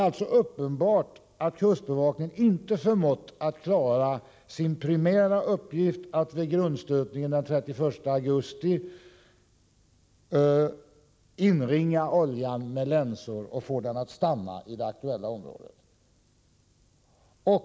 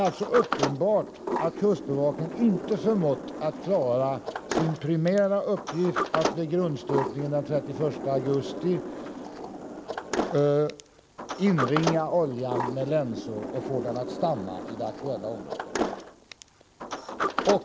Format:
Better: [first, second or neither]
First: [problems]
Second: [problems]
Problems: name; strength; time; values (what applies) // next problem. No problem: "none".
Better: first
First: none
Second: background sound (Sliding door); 5 dB below the speech